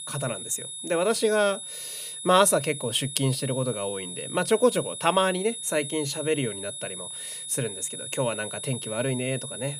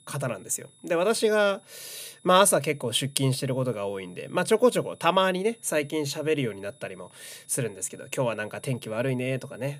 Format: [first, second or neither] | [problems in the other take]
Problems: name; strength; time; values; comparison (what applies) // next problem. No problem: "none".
second | high-pitched whine; loud; throughout; 10.5 kHz, 8 dB below the speech; faint in the second